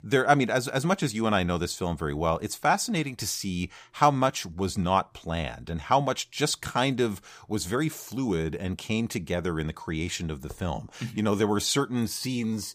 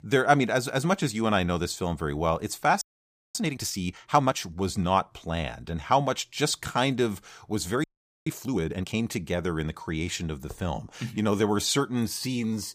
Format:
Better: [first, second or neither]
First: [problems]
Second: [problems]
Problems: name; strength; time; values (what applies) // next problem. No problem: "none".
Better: first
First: none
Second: audio freezing; at 3 s for 0.5 s and at 8 s